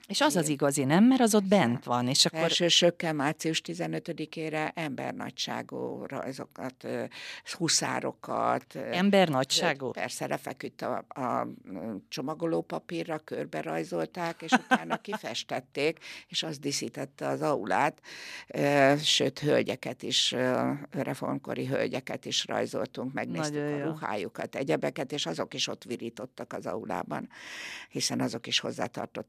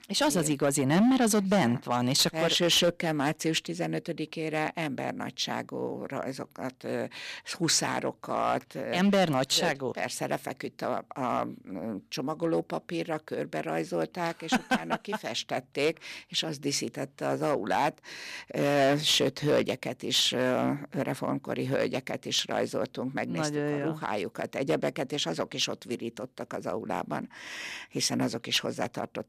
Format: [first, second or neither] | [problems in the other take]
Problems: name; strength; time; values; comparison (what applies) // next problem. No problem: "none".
first | distortion; slight; 3% of the sound clipped